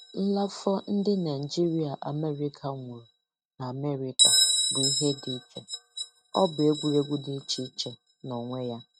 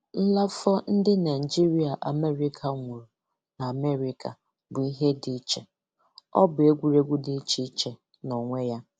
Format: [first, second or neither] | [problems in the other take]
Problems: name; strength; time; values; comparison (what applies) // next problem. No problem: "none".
second | noise reduction (neural mask model RNNoise)